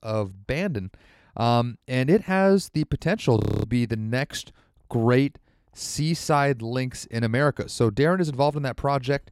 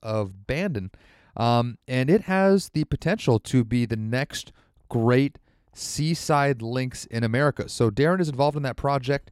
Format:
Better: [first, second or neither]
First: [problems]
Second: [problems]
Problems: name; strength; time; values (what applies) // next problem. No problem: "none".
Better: second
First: audio freezing; at 3.5 s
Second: none